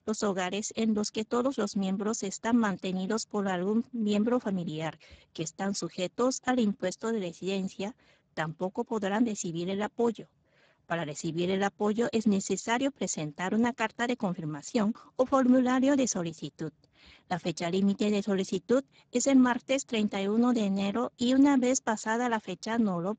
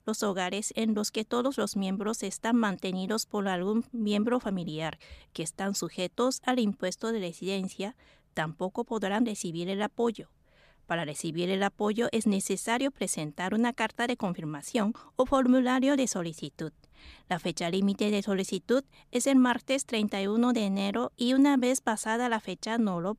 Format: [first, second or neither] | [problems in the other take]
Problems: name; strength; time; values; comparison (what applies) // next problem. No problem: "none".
second | garbled, watery; badly; nothing above 7.5 kHz